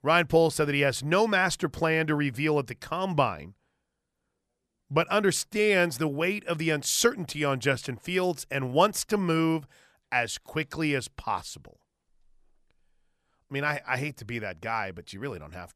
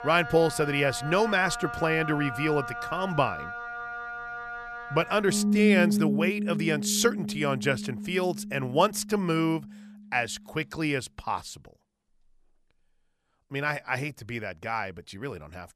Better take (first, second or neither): first